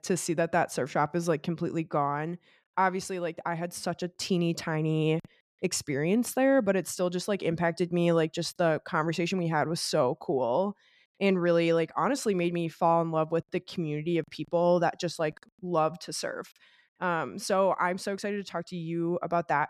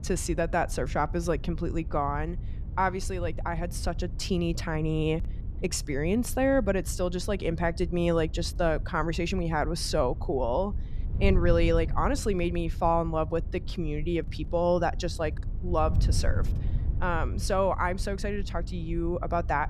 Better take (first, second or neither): first